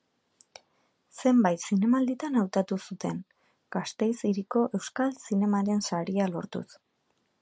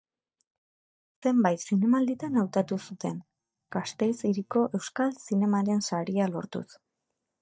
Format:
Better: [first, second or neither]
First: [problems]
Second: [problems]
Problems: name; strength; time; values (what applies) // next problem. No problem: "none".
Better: first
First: none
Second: noise reduction (neural mask model DeepFilterNet 3)